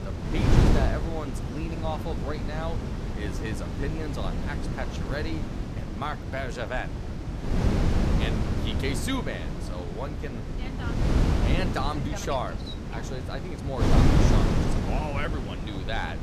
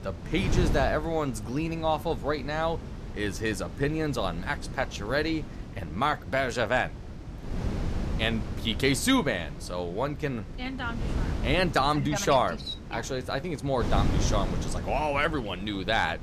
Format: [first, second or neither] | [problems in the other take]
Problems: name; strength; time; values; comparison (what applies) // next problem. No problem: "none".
second | wind noise on the microphone; heavy; as loud as the speech; occasional gusts in the second